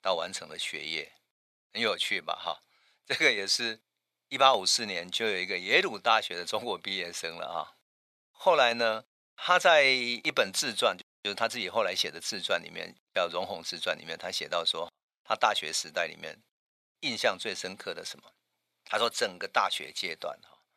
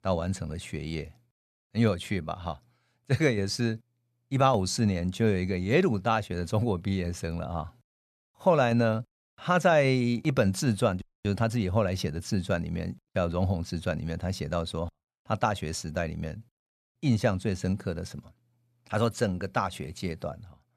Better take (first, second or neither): second